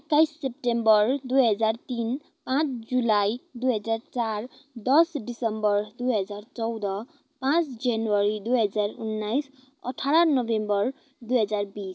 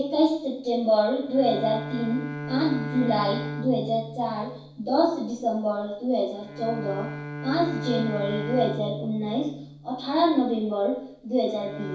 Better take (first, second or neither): first